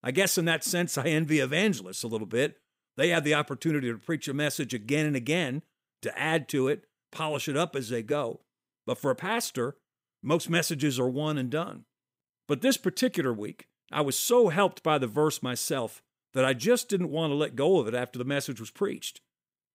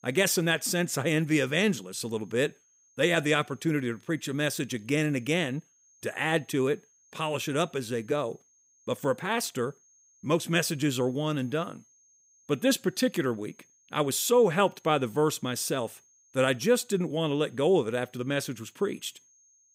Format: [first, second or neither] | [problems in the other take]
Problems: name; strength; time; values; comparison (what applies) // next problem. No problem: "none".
first | high-pitched whine; faint; throughout; 6.5 kHz, 35 dB below the speech